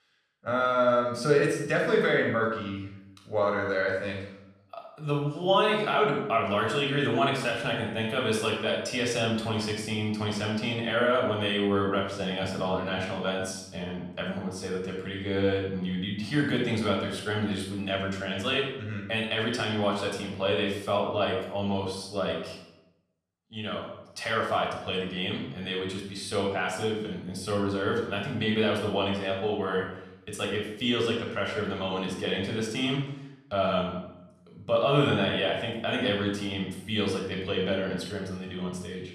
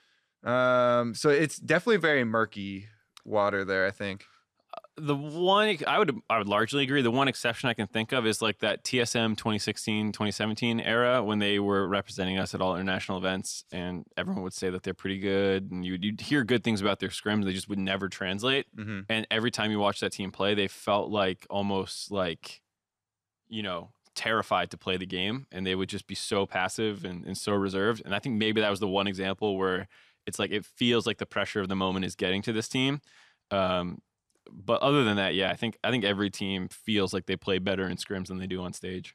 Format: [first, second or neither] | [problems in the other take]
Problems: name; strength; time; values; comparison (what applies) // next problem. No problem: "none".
second | off-mic speech; somewhat distant // room echo; noticeable; dies away in 0.7 s